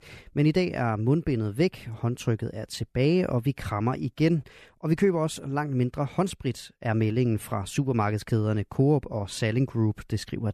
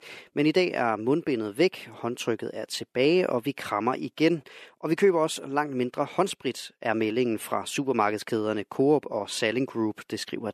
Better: first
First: none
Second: thin; somewhat; fading below 350 Hz

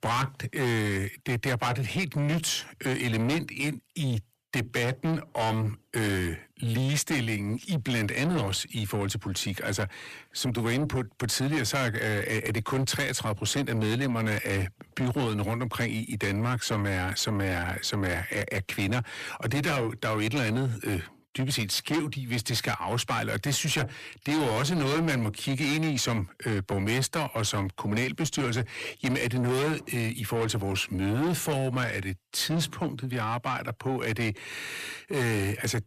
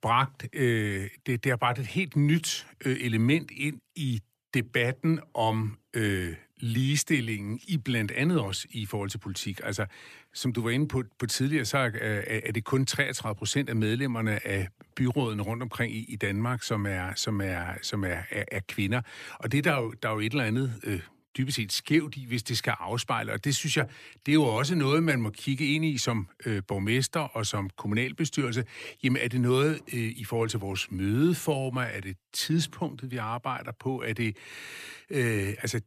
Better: second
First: distortion; heavy; 7 dB below the speech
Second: none

